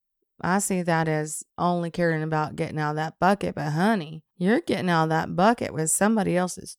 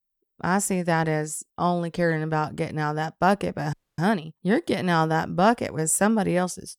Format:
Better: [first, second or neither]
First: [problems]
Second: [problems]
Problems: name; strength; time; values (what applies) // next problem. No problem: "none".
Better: first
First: none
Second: audio freezing; at 3.5 s